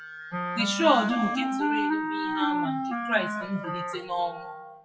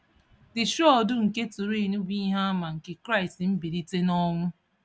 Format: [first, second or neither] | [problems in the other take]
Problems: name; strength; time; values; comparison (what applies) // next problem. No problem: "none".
second | noise reduction (classical method WPE with log-MMSE)